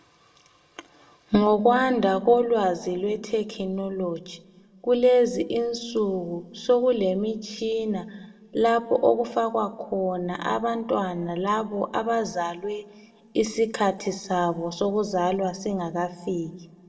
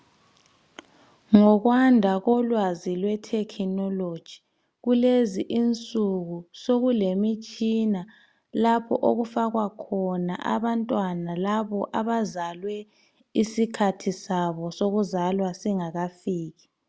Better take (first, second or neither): second